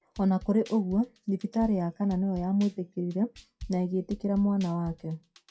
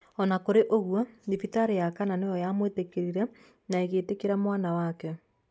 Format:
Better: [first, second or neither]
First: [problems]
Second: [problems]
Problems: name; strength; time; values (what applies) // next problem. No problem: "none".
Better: second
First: noise reduction (classical method WPE with log-MMSE)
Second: none